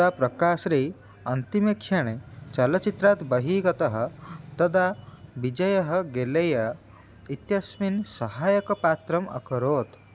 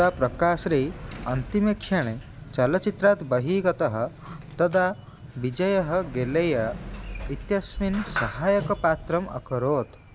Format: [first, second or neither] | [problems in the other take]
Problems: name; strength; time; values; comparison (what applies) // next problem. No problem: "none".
first | background sound (Sliding door); 13 dB below the speech